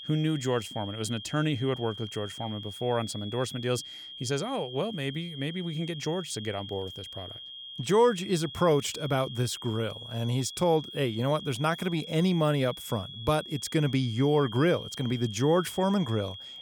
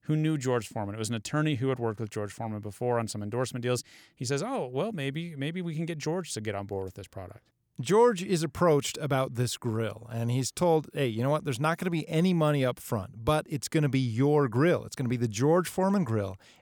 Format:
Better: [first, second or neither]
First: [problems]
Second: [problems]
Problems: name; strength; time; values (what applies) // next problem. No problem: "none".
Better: second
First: high-pitched whine; noticeable; throughout; 3 kHz, 10 dB below the speech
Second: none